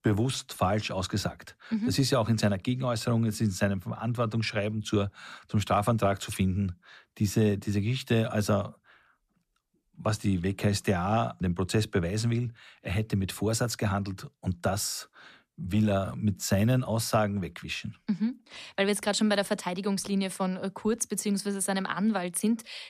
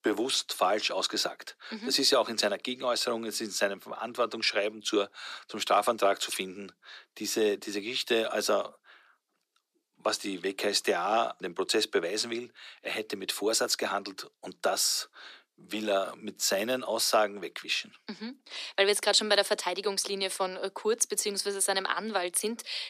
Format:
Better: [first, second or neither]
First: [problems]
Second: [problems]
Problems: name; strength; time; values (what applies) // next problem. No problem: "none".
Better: first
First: none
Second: thin; very; fading below 350 Hz